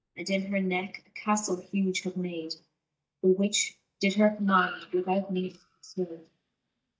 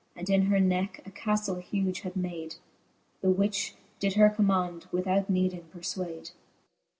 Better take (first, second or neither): second